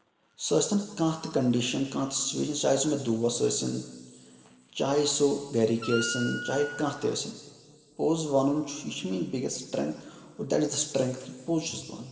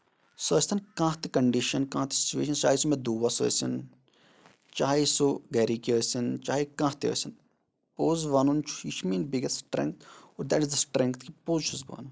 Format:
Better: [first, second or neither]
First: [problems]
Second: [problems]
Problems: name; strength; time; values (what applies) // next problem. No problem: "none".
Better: second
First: background sound (Wind instrument, woodwind instrument); 9 dB below the speech // room echo; dies away in 2.3 s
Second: none